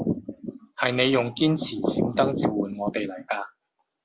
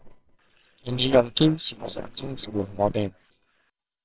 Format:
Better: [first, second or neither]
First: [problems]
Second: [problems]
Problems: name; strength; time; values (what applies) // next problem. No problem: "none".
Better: first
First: none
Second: noise reduction (neural separator model SepFormer WHAMR!)